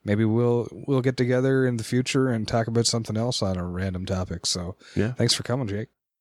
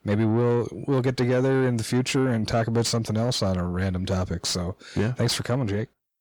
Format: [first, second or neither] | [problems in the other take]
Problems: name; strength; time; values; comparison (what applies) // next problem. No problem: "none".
first | distortion; slight; 10 dB below the speech